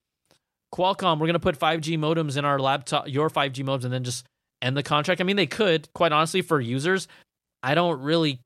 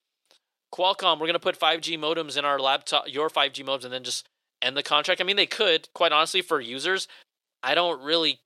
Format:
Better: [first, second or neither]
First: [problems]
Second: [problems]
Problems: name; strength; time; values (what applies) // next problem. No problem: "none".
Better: first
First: none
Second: thin; somewhat; fading below 450 Hz